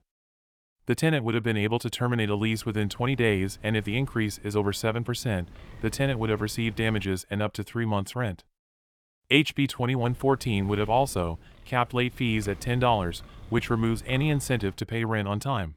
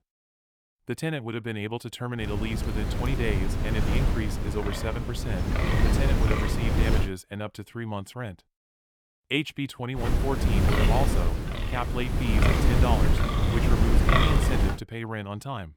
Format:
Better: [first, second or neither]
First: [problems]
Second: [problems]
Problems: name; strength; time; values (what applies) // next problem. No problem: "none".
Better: first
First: wind noise on the microphone; occasional gusts; from 2 to 7 s and from 10 to 15 s; 25 dB below the speech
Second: wind noise on the microphone; heavy; from 2 to 7 s and from 10 to 15 s; 2 dB above the speech